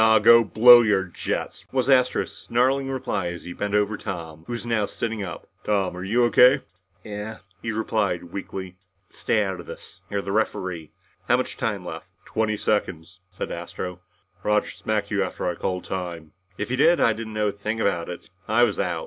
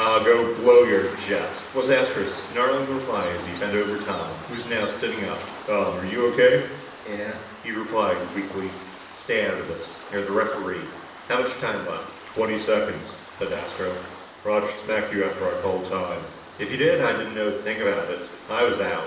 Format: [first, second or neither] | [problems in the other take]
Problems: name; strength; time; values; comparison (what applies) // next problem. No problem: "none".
first | background sound (Waves, surf); 16 dB below the speech // room echo; dies away in 0.8 s